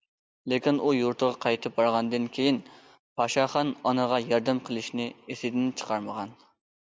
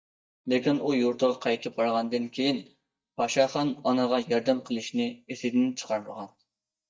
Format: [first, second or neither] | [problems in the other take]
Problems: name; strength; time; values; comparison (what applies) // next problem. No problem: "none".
first | noise reduction (neural mask model DeepFilterNet 3)